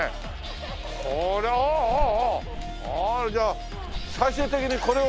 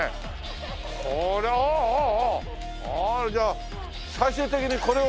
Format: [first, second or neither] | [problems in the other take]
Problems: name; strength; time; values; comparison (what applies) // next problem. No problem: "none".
second | background sound (Bird); 10 dB below the speech